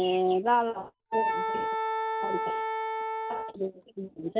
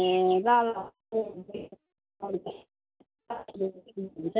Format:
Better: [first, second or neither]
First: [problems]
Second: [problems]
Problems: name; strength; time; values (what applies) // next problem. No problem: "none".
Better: second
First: background sound (Wind instrument, woodwind instrument); 1 dB below the speech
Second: none